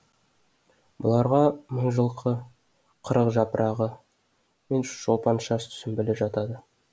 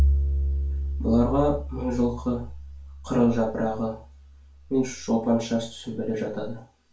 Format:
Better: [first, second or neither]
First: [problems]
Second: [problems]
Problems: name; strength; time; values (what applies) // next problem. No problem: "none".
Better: first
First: none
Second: background sound (Bowed string instrument); 3 dB below the speech // room echo; dies away in 0.3 s